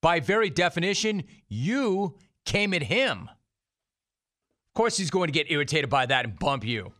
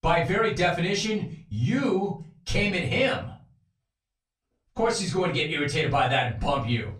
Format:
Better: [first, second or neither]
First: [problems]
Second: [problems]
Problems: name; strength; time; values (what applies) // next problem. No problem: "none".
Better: first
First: none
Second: off-mic speech; far // room echo; slight; dies away in 0.3 s